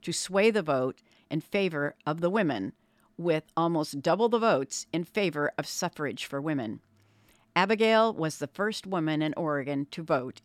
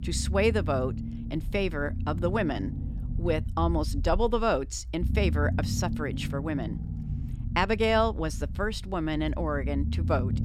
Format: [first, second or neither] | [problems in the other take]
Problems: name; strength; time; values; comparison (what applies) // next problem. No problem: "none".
first | low rumble; noticeable; throughout; 15 dB below the speech